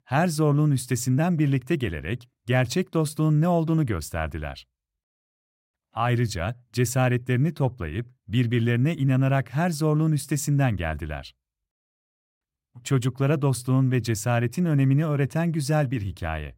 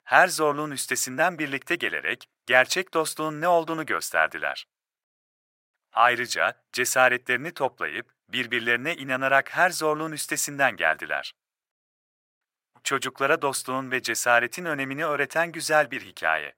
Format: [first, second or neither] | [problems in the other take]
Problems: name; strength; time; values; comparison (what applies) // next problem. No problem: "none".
first | thin; very; fading below 650 Hz